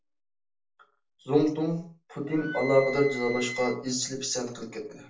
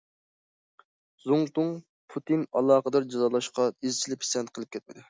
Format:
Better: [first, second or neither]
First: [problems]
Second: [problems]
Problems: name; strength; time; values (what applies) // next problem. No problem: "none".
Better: second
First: background sound (Wind instrument, woodwind instrument); 11 dB below the speech // room echo; dies away in 0.4 s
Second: none